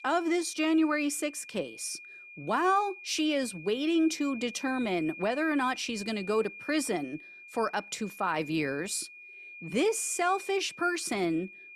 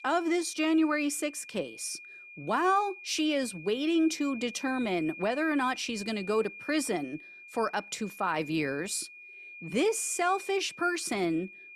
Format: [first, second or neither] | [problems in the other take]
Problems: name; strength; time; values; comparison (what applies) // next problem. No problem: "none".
neither | high-pitched whine; noticeable; throughout; 2.5 kHz, 15 dB below the speech; the same in both